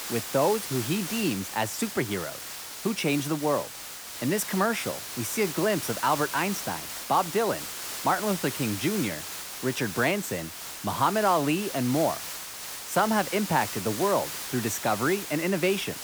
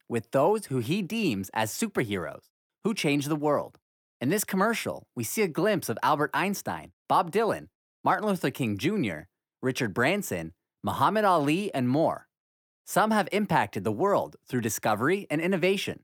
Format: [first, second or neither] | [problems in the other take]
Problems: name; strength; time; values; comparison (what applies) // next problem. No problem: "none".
second | hiss; loud; throughout; 6 dB below the speech